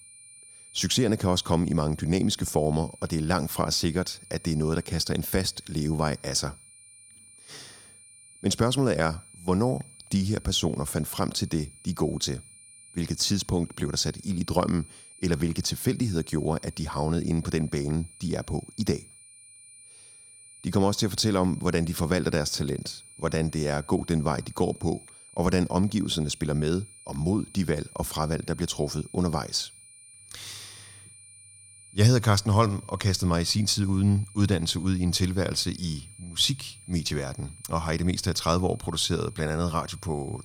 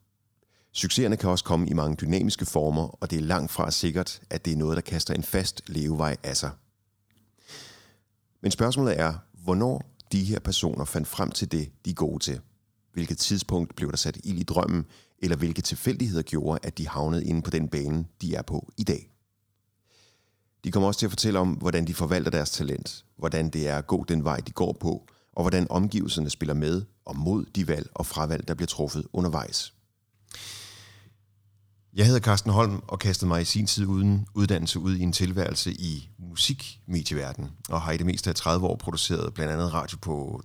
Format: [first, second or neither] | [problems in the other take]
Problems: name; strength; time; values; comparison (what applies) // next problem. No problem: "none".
second | high-pitched whine; faint; throughout; 9.5 kHz, 20 dB below the speech